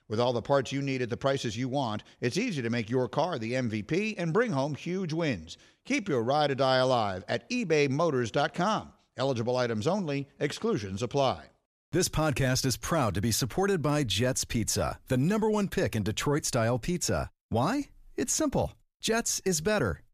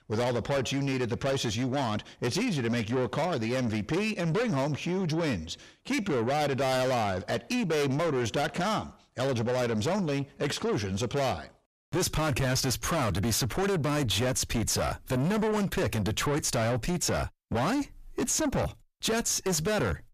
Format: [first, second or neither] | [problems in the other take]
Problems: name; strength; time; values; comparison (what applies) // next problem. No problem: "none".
first | distortion; heavy; 7 dB below the speech